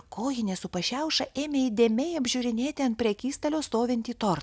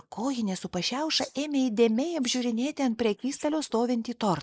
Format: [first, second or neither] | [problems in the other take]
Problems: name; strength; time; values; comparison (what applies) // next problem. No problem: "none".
first | noise reduction (neural mask model Resemble Enhance denoiser)